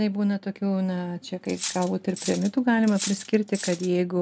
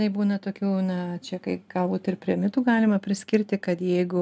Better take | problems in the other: second | background sound (Cutlery, silverware); 11 dB below the speech

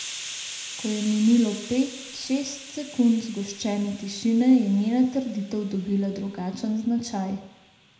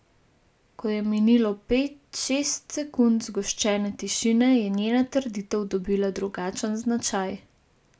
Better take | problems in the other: second | background sound (Hiss); 16 dB below the speech // room echo; dies away in 0.7 s

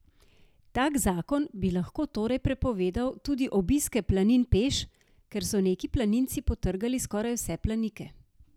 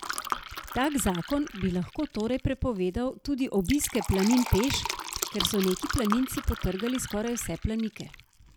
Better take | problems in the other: first | background sound (Fill (with liquid)); 9 dB below the speech

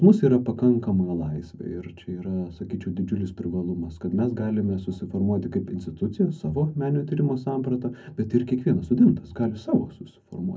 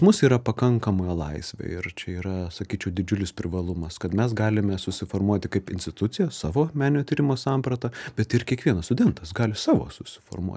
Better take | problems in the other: second | room echo; dies away in 0.3 s

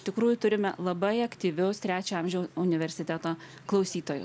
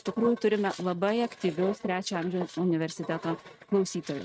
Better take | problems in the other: first | noise reduction (neural mask model RNNoise)

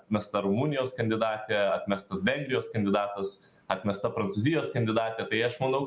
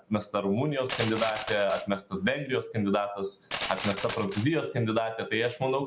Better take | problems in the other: first | background sound (Glass); 10 dB below the speech

